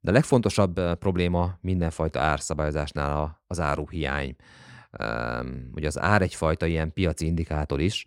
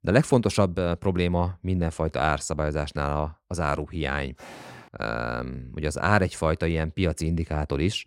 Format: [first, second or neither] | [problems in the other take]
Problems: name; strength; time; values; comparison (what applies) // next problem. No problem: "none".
first | footsteps; faint; at 4.5 s; peak 15 dB below the speech